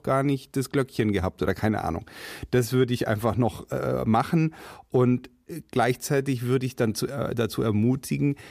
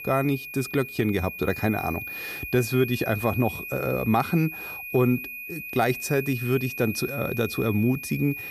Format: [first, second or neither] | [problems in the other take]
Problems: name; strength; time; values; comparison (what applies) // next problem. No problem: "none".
first | high-pitched whine; loud; throughout; 2.5 kHz, 8 dB below the speech